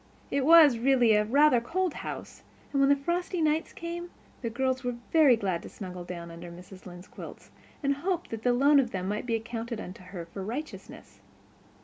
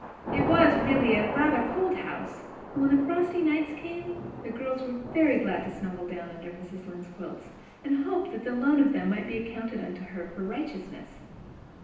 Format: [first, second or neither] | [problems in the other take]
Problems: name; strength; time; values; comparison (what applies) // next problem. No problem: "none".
first | background sound (Thunder / Rain); 8 dB below the speech // room echo; dies away in 0.9 s